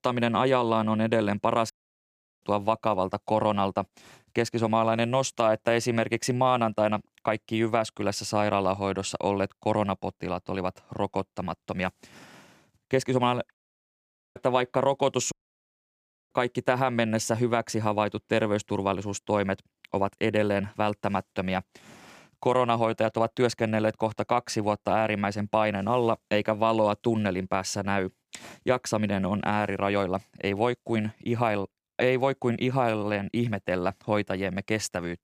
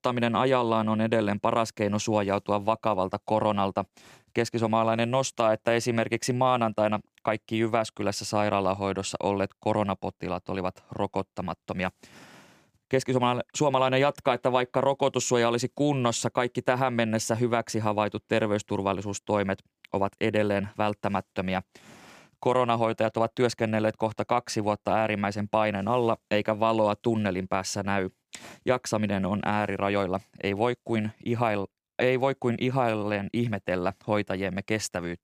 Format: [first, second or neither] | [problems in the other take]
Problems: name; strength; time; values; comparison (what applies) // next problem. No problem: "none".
second | audio cutting out; at 1.5 s for 0.5 s, at 14 s for 1 s and at 15 s for 1 s